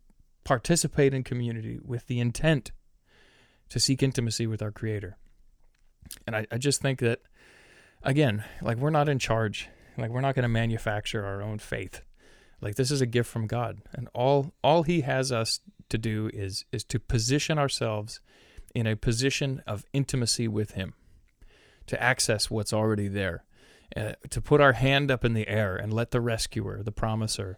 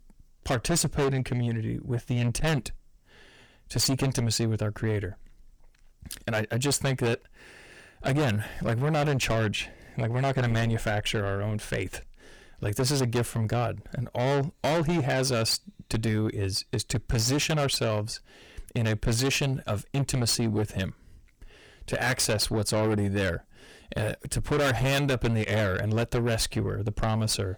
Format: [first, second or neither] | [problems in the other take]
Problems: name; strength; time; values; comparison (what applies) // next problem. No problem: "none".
first | distortion; heavy; 6 dB below the speech